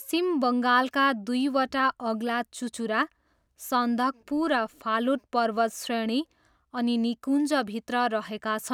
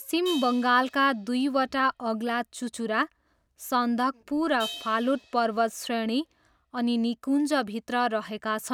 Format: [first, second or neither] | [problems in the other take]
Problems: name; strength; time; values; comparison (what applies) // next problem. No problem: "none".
first | background sound (Crash cymbal); 20 dB below the speech